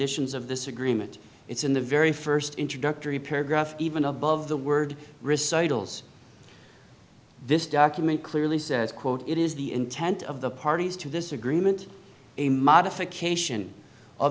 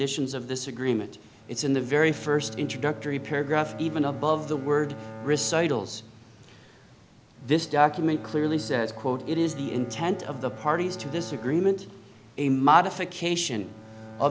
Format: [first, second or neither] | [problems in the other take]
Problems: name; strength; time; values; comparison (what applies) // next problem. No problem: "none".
first | background sound (Bowed string instrument); 16 dB below the speech